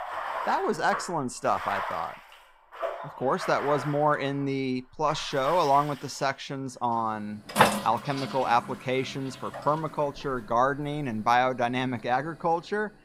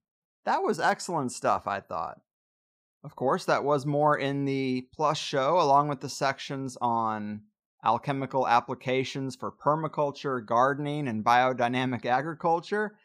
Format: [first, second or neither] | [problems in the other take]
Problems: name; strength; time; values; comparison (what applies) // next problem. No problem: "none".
second | household noises; loud; throughout; 5 dB below the speech